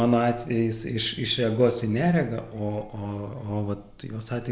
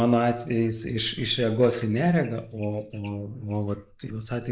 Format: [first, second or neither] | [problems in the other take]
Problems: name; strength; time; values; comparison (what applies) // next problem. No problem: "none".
first | noise reduction (neural mask model Resemble Enhance denoiser)